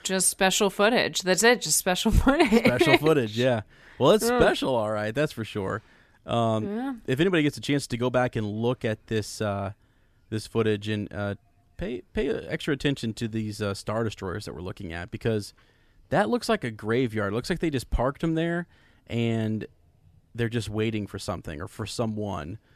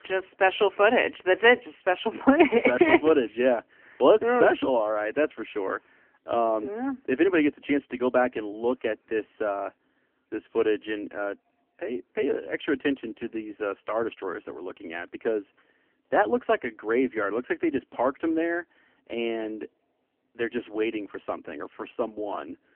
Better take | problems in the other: first | phone-call audio; poor line; nothing above 3 kHz

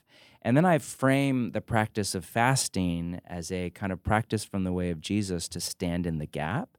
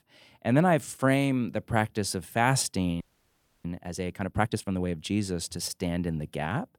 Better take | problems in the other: first | audio freezing; at 3 s for 0.5 s

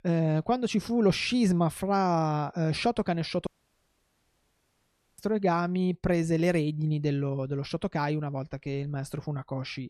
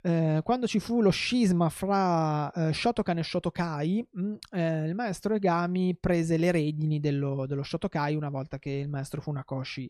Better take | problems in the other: second | audio cutting out; at 3.5 s for 1.5 s

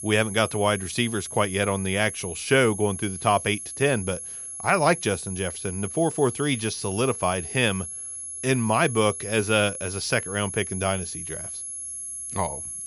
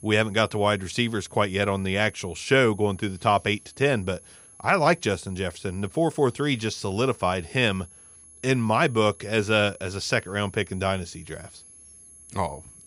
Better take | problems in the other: second | high-pitched whine; loud; throughout; 11 kHz, 8 dB below the speech; faint in the second

